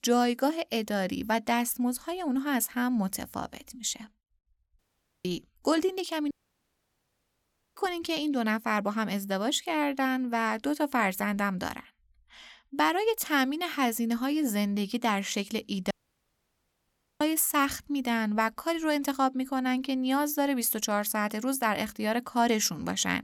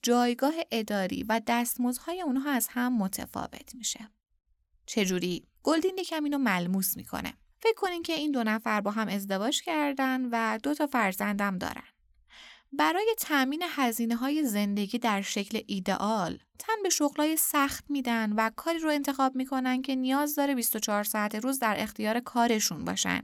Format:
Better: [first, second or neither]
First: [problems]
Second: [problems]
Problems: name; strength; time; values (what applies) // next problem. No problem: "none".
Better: second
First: audio cutting out; at 5 s, at 6.5 s for 1.5 s and at 16 s for 1.5 s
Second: none